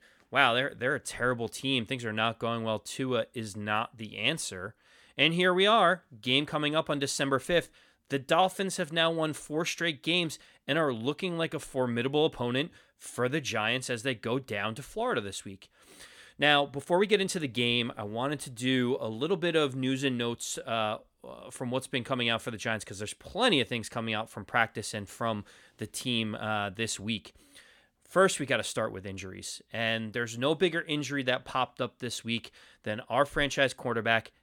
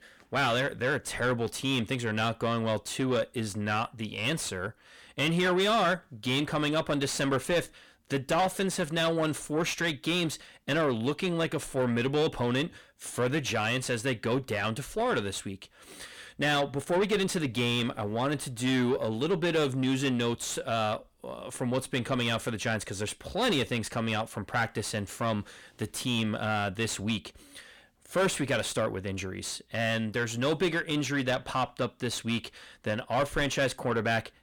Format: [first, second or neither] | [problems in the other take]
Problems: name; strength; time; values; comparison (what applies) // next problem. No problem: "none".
first | distortion; heavy; 6 dB below the speech